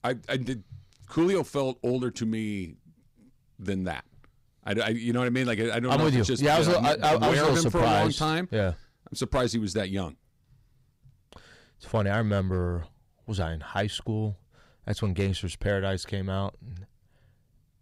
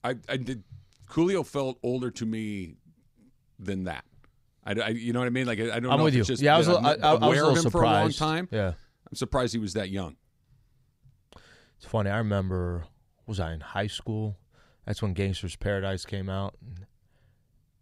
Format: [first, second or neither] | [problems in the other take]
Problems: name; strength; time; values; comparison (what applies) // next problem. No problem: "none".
second | distortion; slight; 4% of the sound clipped